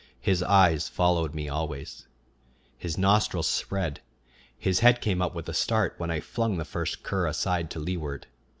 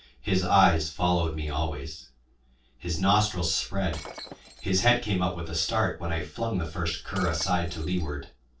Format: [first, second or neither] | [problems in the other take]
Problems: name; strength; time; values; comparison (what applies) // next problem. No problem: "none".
first | noise reduction (neural separator model SepFormer DNS4)